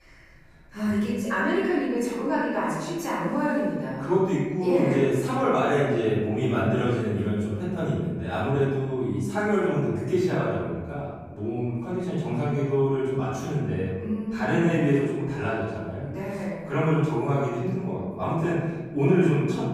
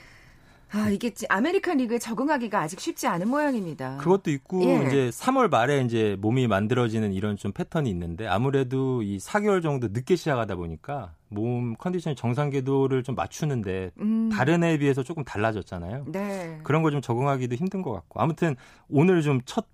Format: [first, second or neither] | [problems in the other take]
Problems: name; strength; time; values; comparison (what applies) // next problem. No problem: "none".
second | room echo; strong; dies away in 1.3 s // off-mic speech; far